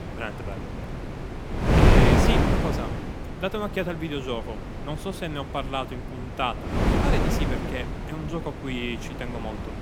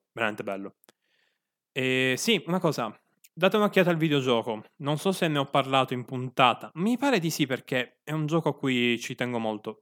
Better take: second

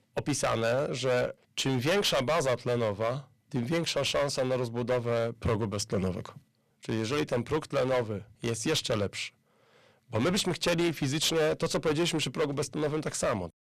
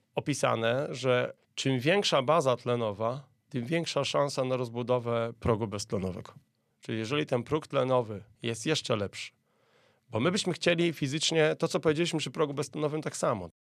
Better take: second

